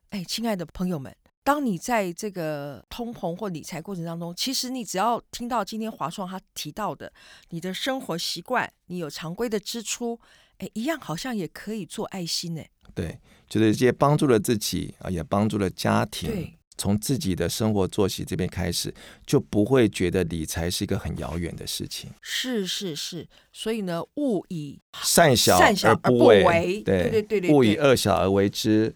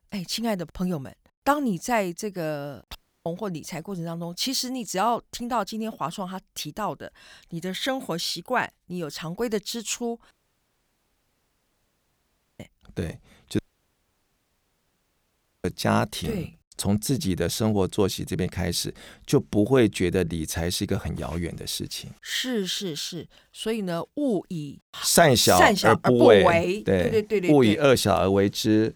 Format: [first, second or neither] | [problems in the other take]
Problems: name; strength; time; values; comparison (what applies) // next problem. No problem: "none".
first | audio cutting out; at 3 s, at 10 s for 2.5 s and at 14 s for 2 s